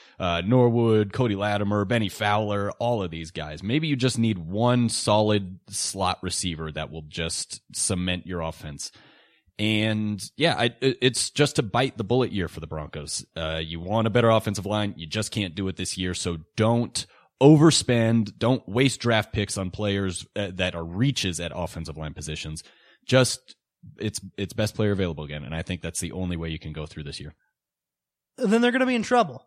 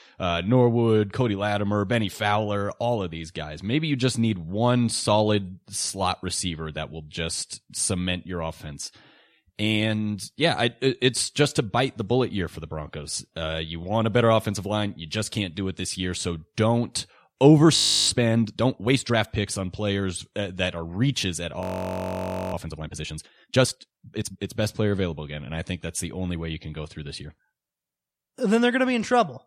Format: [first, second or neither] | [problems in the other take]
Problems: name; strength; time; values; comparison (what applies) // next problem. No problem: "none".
first | audio freezing; at 18 s and at 22 s for 1 s